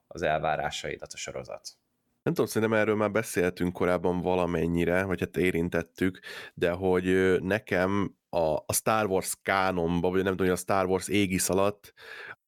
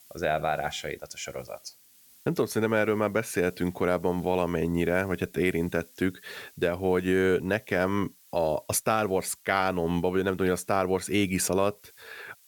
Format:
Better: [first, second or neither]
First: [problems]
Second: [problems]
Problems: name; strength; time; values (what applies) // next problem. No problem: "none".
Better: first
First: none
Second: hiss; faint; throughout; 25 dB below the speech